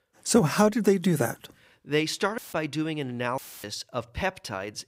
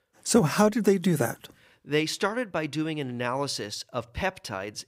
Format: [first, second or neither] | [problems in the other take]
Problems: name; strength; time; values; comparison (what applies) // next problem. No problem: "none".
second | audio cutting out; filled with static; at 2.5 s and at 3.5 s